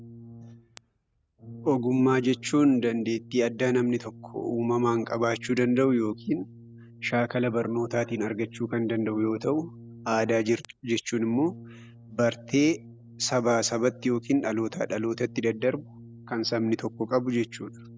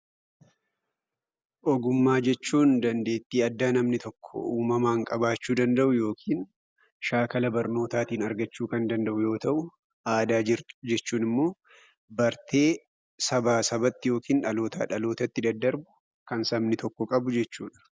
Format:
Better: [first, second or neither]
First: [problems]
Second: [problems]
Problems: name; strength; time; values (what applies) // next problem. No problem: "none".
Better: second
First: background sound (Brass instrument); 19 dB below the speech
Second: none